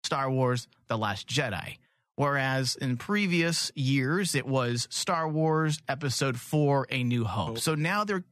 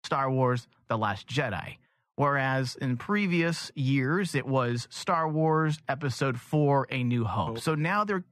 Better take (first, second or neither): first